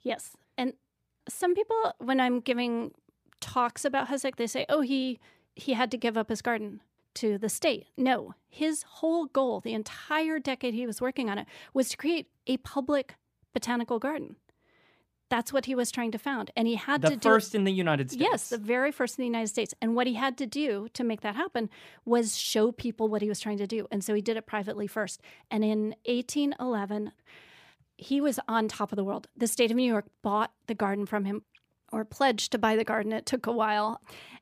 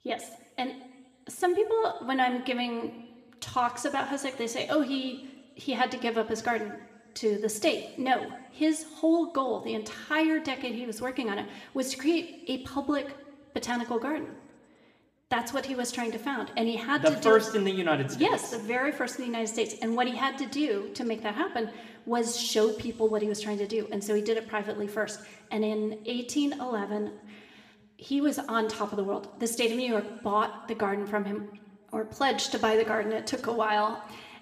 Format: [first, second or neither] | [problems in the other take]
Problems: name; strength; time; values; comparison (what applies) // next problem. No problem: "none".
first | room echo; slight; dies away in 1.3 s